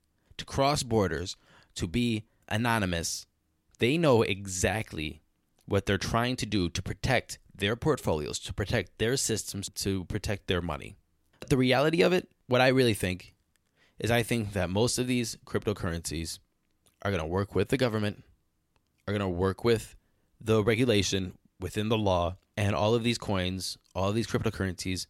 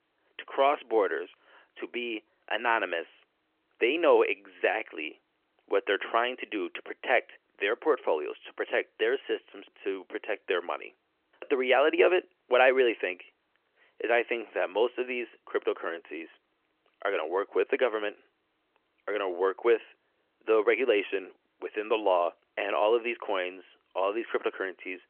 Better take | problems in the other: first | phone-call audio; nothing above 3 kHz

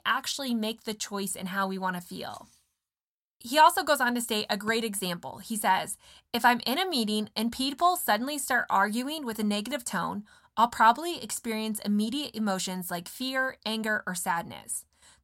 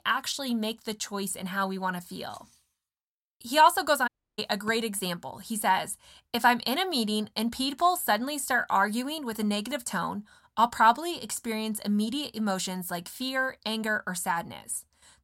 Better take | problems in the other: first | audio cutting out; at 4 s

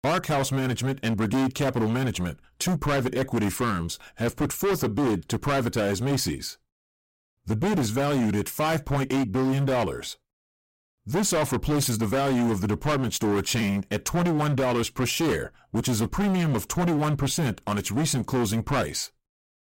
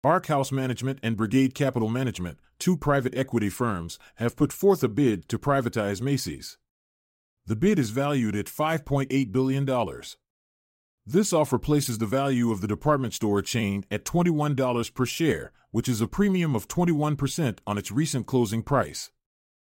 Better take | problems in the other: second | distortion; heavy; 22% of the sound clipped

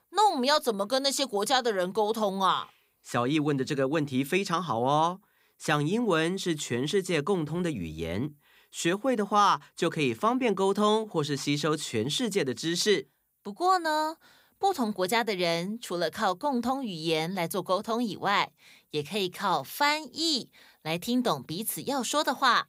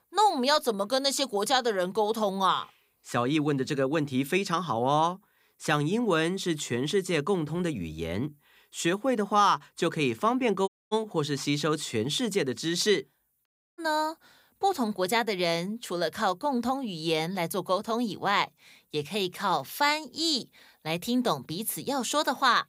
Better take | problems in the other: first | audio cutting out; at 11 s and at 13 s

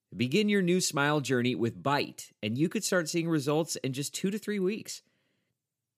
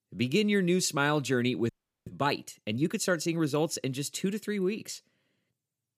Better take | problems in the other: first | audio freezing; at 1.5 s

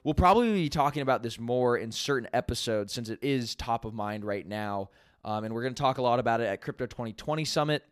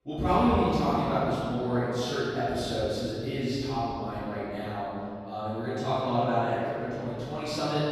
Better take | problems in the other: first | off-mic speech; far // room echo; strong; dies away in 2.6 s

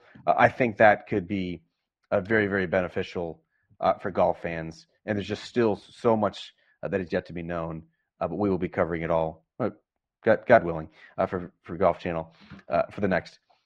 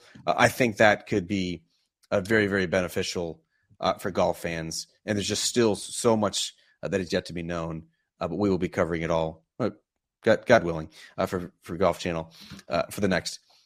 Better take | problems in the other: second | muffled; very; fading above 2 kHz

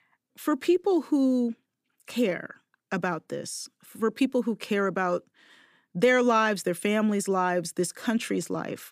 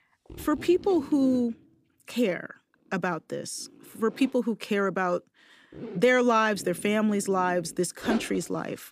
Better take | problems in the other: first | household noises; noticeable; throughout; 15 dB below the speech

